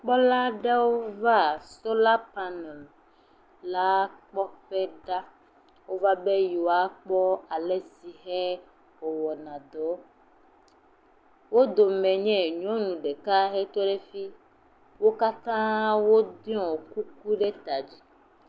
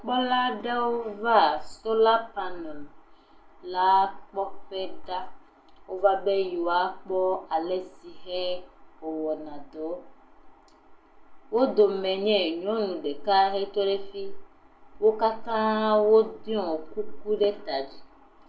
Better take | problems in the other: first | room echo; dies away in 0.3 s

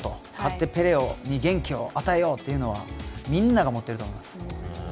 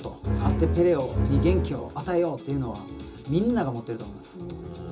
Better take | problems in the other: first | background sound (Bowed string instrument); 1 dB above the speech // room echo; dies away in 0.2 s

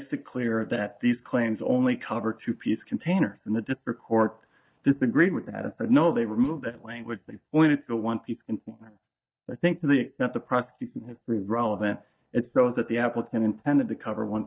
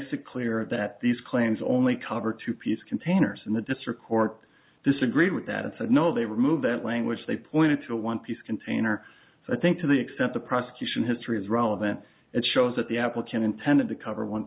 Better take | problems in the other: second | noise reduction (neural mask model DeepFilterNet 3)

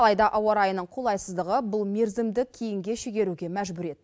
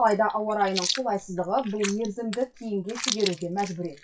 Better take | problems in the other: first | noise reduction (classical method WPE with log-MMSE)

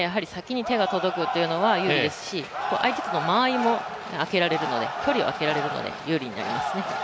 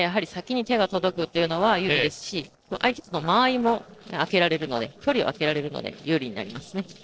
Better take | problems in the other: first | noise reduction (neural separator model SepFormer DNS4)

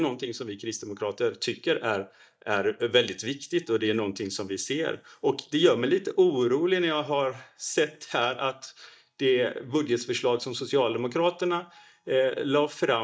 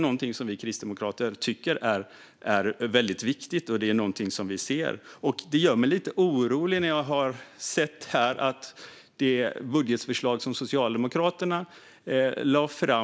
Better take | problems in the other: second | noise reduction (neural mask model DeepFilterNet 3)

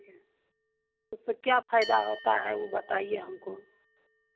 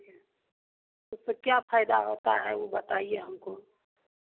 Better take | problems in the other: second | background sound (Bell); 18 dB below the speech

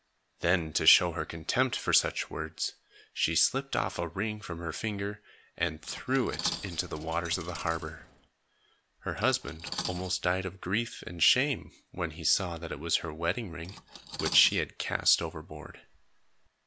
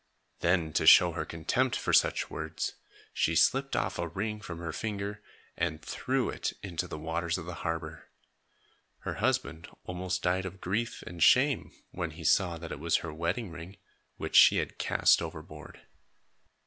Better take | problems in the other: second | background sound (Cutlery, silverware + Coin (dropping)); 13 dB below the speech

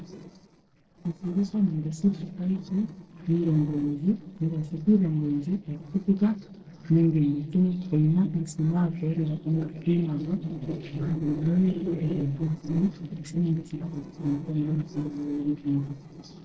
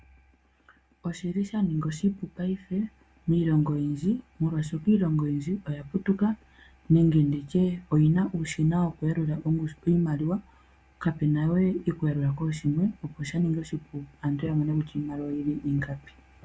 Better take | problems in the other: second | noise reduction (neural separator model SepFormer DNS4)

